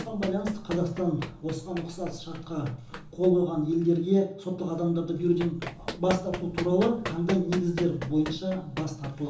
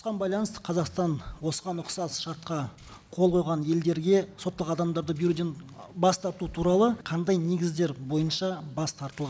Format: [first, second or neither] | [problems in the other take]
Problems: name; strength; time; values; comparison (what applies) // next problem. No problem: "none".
second | background sound (Run); 12 dB below the speech // room echo; dies away in 1.2 s